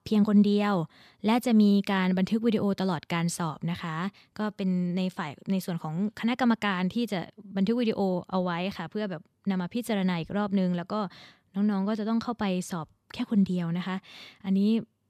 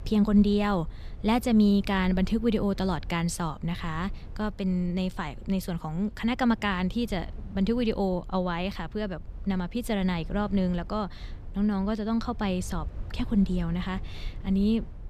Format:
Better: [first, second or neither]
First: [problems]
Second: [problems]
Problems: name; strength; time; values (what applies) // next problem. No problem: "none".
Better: first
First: none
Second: low rumble; faint; throughout; 25 dB below the speech